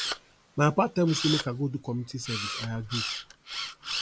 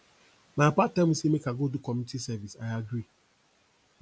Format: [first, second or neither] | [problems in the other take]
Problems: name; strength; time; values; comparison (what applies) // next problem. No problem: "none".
second | background sound (Camera); 6 dB below the speech